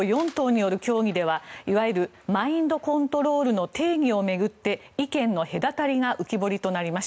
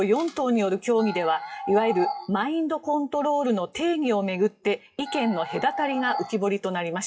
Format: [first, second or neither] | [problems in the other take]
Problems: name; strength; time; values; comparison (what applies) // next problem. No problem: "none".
first | noise reduction (classical method WPE with log-MMSE)